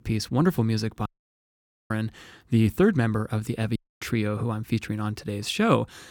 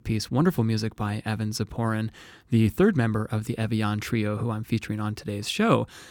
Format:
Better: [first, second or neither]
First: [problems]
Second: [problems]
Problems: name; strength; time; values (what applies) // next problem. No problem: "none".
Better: second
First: audio cutting out; at 1 s for 1 s and at 4 s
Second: none